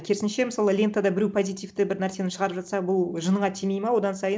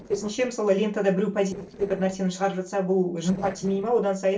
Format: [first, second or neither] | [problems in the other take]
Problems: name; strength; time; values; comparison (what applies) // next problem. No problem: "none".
first | noise reduction (neural separator model SepFormer DNS4)